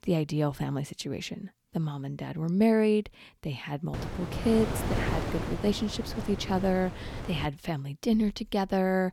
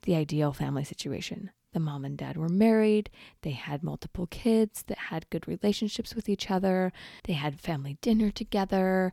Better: second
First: wind noise on the microphone; heavy; from 4 to 7.5 s; 6 dB below the speech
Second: none

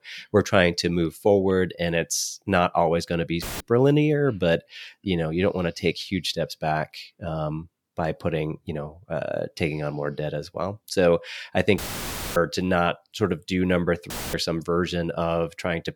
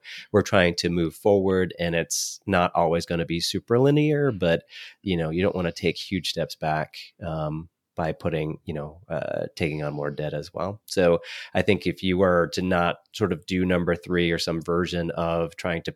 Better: second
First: audio cutting out; filled with static; at 3.5 s, at 12 s for 0.5 s and at 14 s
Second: none

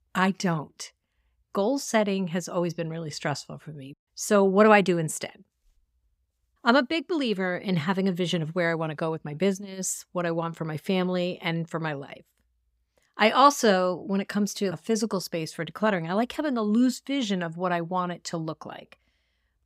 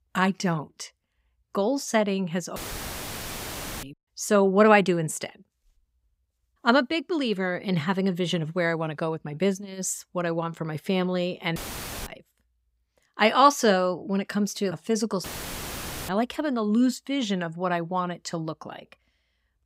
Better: first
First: none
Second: audio cutting out; filled with static; at 2.5 s for 1.5 s, at 12 s for 0.5 s and at 15 s for 1 s

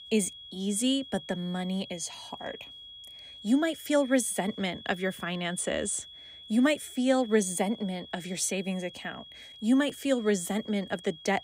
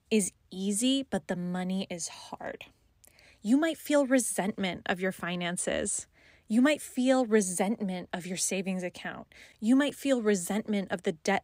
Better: second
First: high-pitched whine; noticeable; throughout; 3.5 kHz, 15 dB below the speech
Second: none

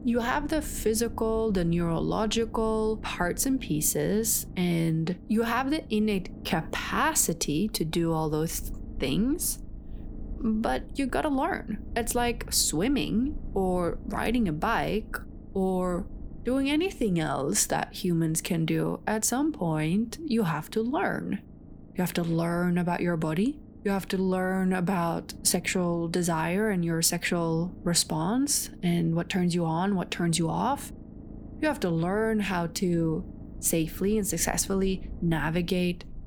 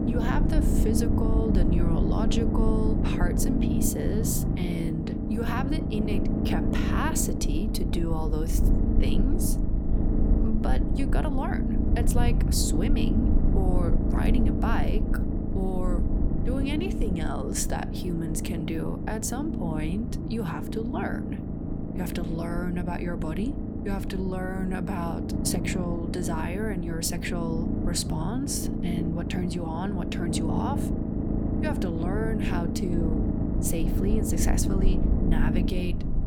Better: first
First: low rumble; faint; throughout; 20 dB below the speech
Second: low rumble; loud; throughout; 1 dB below the speech

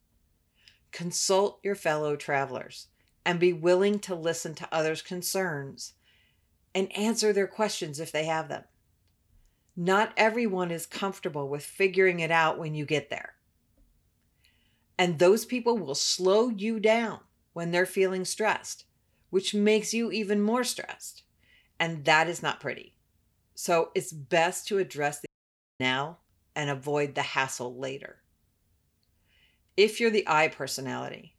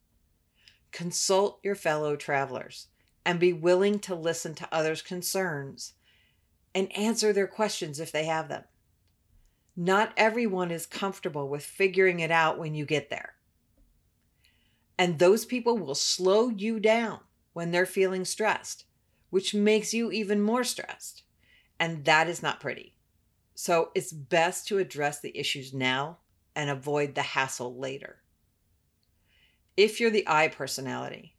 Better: second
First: audio cutting out; at 25 s for 0.5 s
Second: none

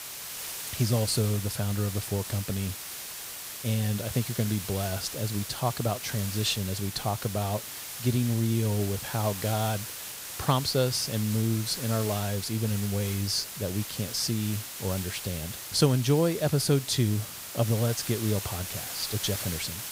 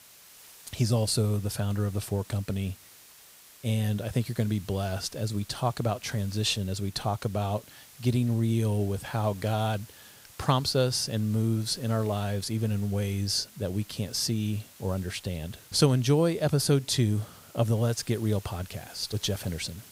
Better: second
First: hiss; loud; throughout; 7 dB below the speech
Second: hiss; faint; throughout; 20 dB below the speech

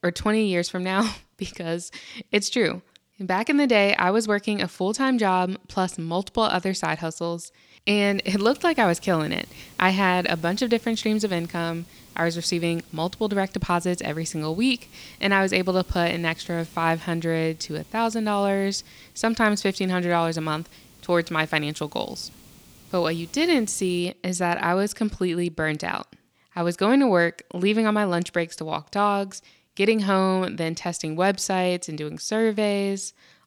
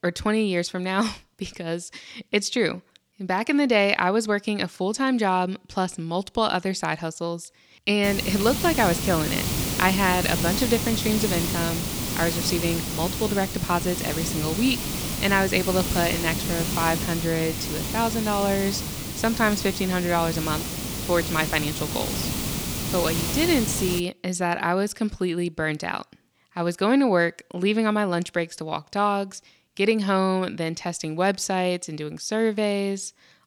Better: first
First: hiss; faint; from 8 to 24 s; 25 dB below the speech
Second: hiss; loud; from 8 to 24 s; 3 dB below the speech

